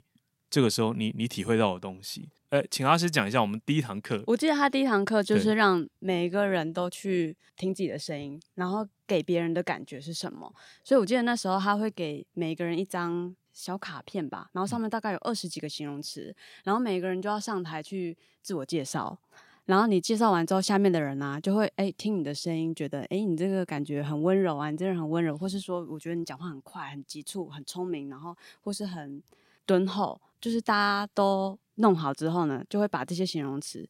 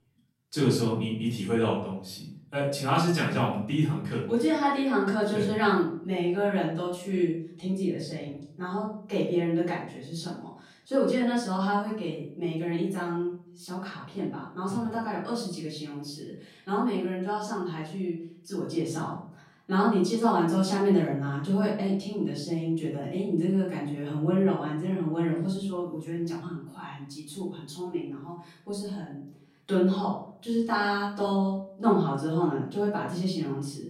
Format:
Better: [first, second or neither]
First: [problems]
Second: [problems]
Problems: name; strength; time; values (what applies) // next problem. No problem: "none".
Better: first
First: none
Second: room echo; noticeable; dies away in 0.5 s // off-mic speech; far